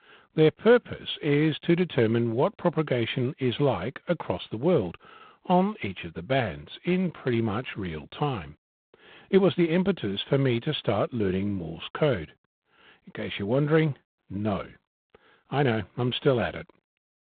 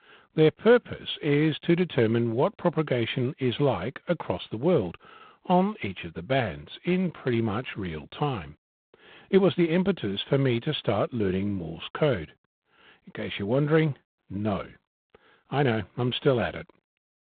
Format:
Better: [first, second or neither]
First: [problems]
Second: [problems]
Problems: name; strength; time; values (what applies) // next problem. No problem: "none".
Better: neither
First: phone-call audio; poor line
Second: phone-call audio; poor line